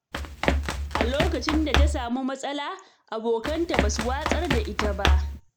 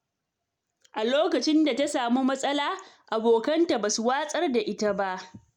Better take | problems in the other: second | background sound (Run); 5 dB above the speech

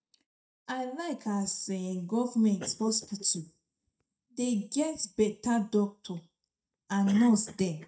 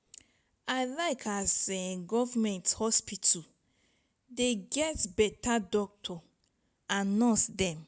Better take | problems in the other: second | noise reduction (neural mask model DeepFilterNet 3)

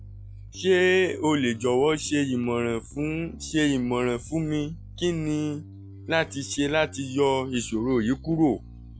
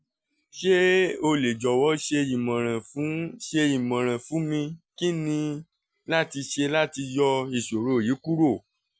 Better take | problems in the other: second | background sound (Bass guitar); 17 dB below the speech

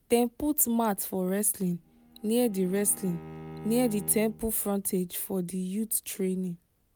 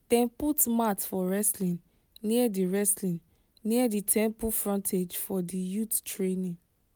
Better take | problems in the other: second | background sound (Bowed string instrument); 16 dB below the speech

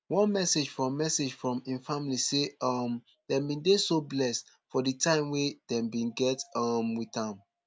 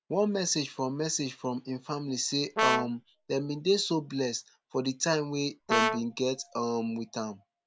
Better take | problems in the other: first | background sound (Brass instrument); as loud as the speech

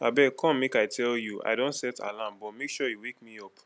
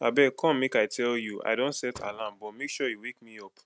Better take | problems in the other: first | noise reduction (neural mask model RNNoise)

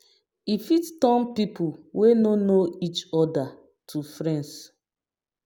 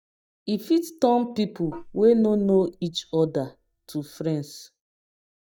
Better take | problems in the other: first | noise reduction (neural mask model DeepFilterNet 3)

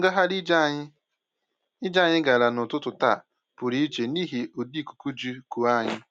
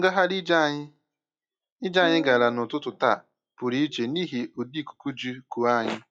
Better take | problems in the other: first | noise reduction (classical method log-MMSE)

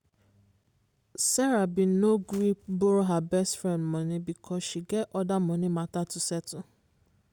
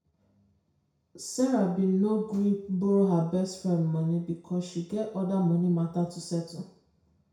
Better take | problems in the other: first | room echo; dies away in 0.6 s

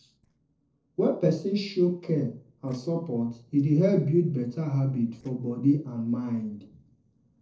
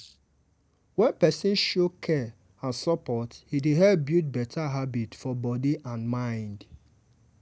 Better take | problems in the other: second | noise reduction (neural separator model SepFormer DNS4)

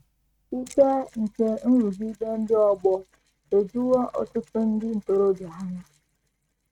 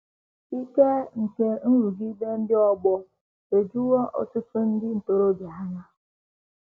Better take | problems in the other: second | noise reduction (neural mask model RNNoise)

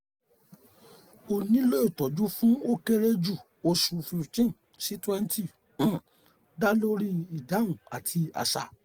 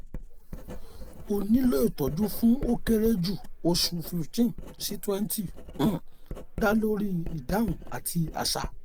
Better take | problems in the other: first | background sound (Writing); 8 dB below the speech

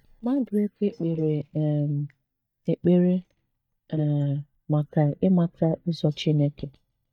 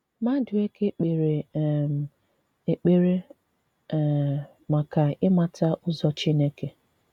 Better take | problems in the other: second | noise reduction (neural mask model DeepFilterNet 3)

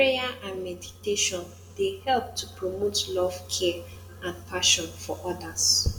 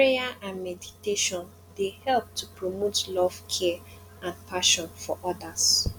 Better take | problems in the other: second | room echo; dies away in 0.8 s

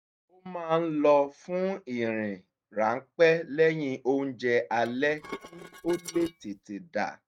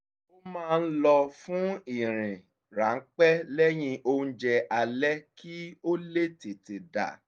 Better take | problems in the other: second | noise reduction (neural mask model RNNoise)

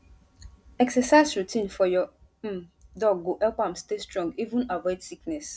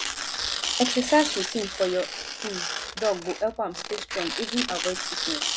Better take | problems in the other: first | background sound (Tearing); 3 dB below the speech

